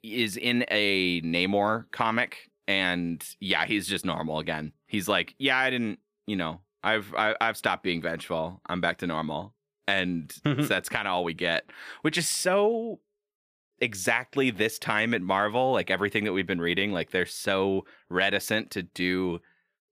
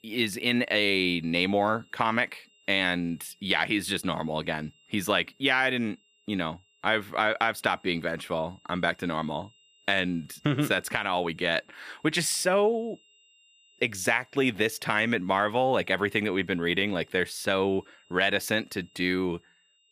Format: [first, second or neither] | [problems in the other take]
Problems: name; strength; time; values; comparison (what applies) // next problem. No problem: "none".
first | high-pitched whine; faint; throughout; 3 kHz, 35 dB below the speech